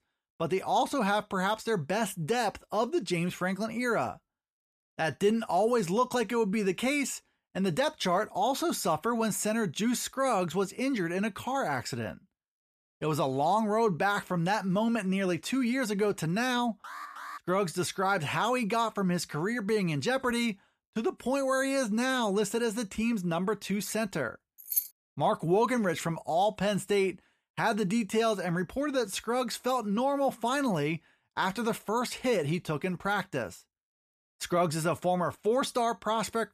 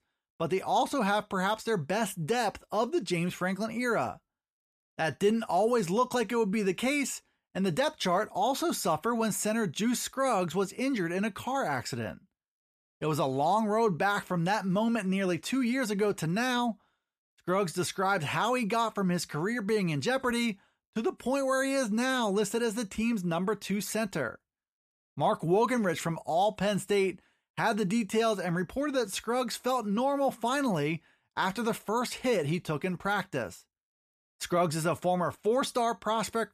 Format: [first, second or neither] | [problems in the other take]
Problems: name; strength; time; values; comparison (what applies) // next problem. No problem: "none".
second | alarm; faint; at 17 s; peak 10 dB below the speech // jangling keys; noticeable; at 25 s; peak level with the speech